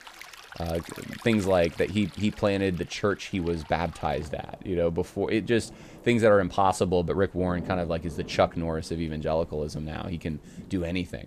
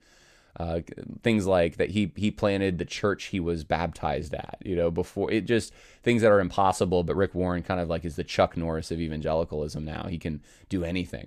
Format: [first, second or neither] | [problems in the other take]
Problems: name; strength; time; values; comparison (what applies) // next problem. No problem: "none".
second | rain or running water; noticeable; throughout; 20 dB below the speech